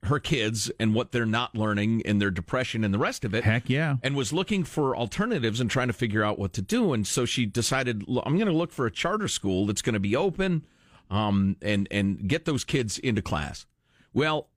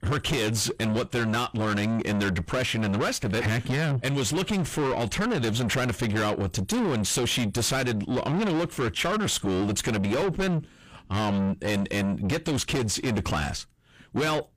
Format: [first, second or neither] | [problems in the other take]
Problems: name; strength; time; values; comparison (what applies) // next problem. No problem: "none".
first | distortion; heavy; 7 dB below the speech